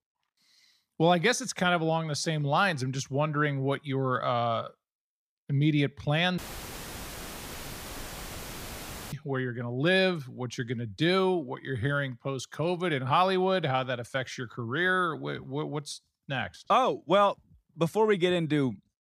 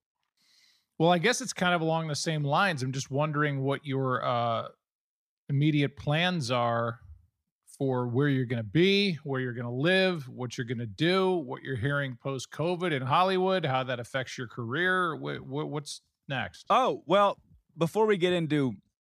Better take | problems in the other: second | audio cutting out; filled with static; at 6.5 s for 2.5 s

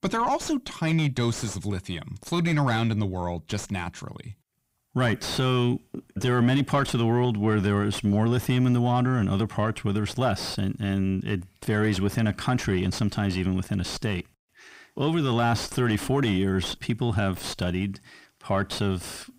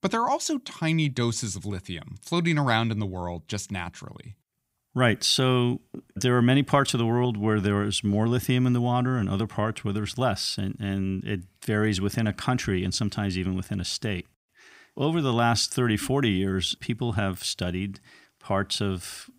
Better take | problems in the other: second | distortion; slight; 9 dB below the speech

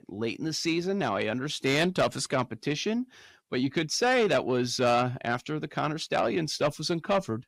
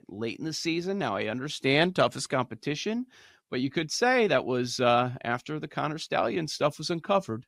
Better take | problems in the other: second | distortion; slight; 10 dB below the speech

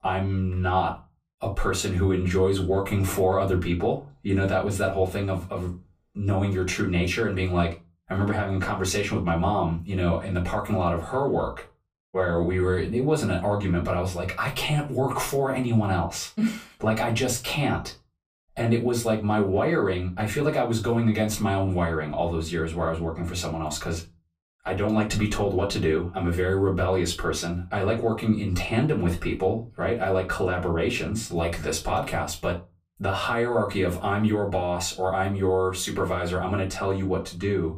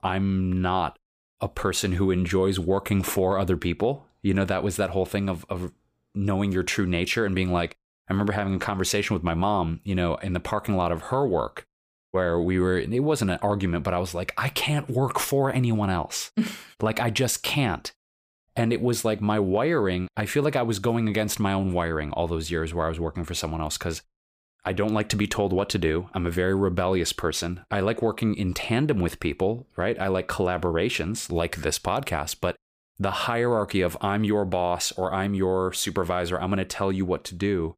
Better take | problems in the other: second | off-mic speech; far // room echo; very slight; dies away in 0.2 s

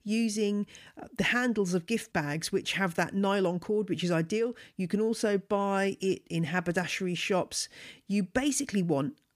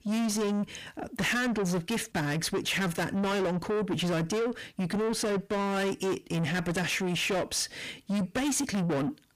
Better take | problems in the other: first | distortion; heavy; 7 dB below the speech

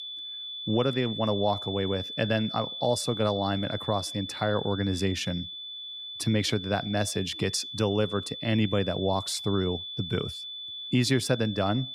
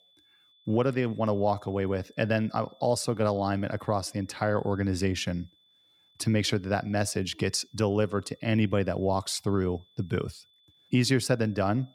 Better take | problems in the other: second | high-pitched whine; loud; throughout; 3.5 kHz, 7 dB below the speech; faint in the second

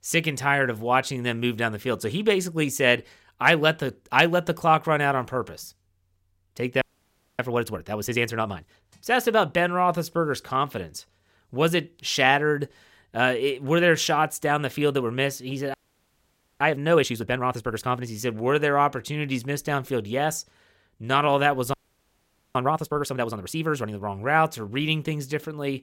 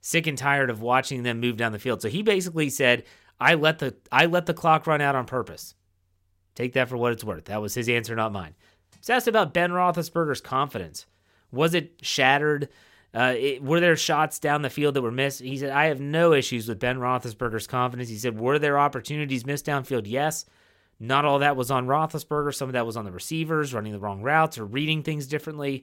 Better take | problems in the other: second | audio freezing; at 7 s for 0.5 s, at 16 s for 1 s and at 22 s for 1 s

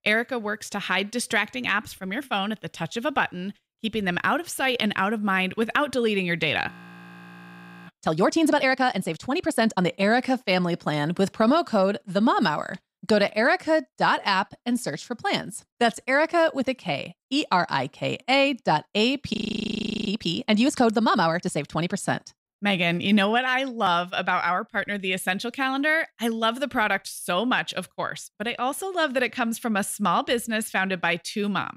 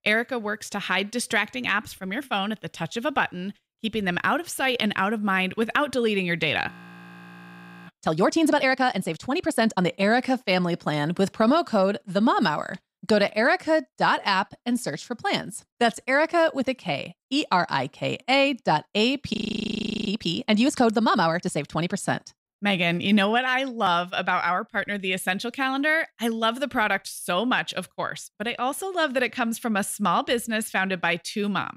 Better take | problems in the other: neither | audio freezing; at 6.5 s for 1 s and at 19 s for 0.5 s; the same in both

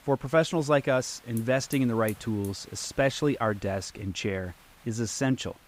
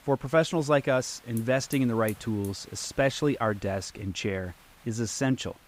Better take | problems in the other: neither | hiss; faint; throughout; 20 dB below the speech; the same in both

